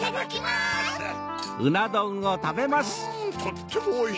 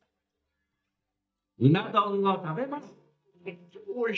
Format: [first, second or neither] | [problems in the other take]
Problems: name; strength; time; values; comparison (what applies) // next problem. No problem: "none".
first | noise reduction (neural mask model DeepFilterNet 3)